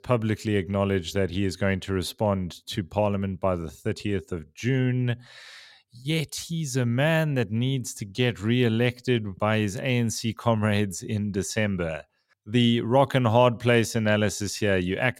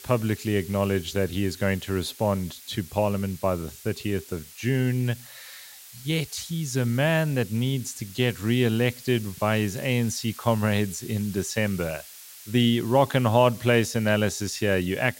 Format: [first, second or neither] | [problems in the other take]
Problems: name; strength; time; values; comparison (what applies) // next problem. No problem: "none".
first | hiss; noticeable; throughout; 15 dB below the speech